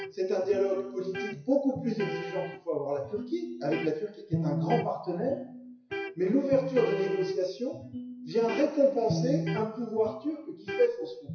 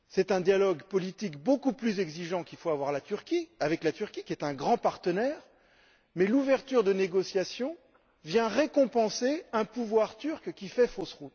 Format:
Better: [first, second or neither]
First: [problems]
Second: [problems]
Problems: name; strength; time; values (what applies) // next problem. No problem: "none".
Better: second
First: noise reduction (classical method WPE with log-MMSE)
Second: none